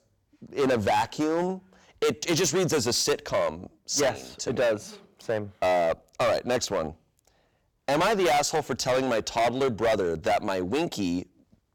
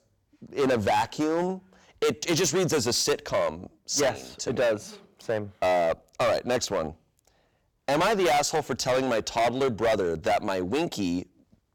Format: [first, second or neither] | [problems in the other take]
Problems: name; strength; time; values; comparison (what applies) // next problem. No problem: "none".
neither | distortion; heavy; 14% of the sound clipped; the same in both